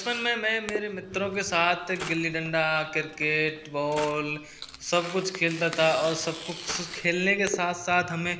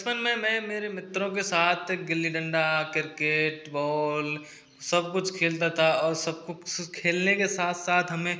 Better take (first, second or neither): second